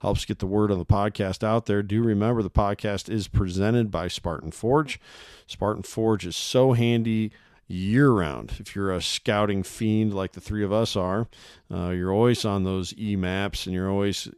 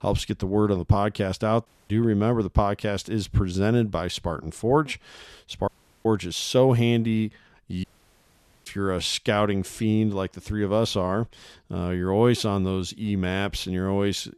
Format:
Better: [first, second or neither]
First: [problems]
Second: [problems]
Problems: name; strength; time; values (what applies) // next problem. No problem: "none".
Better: first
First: none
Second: audio cutting out; at 1.5 s, at 5.5 s and at 8 s for 1 s